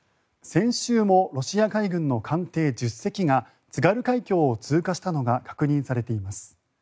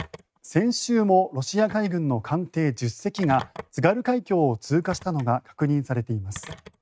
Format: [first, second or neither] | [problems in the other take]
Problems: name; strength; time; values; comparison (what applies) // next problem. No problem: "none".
first | noise reduction (neural mask model RNNoise)